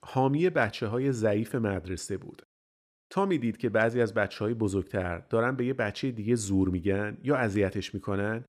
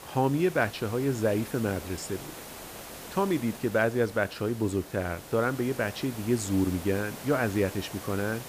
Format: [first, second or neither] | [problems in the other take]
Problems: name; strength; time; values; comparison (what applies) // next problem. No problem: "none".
first | hiss; noticeable; throughout; 15 dB below the speech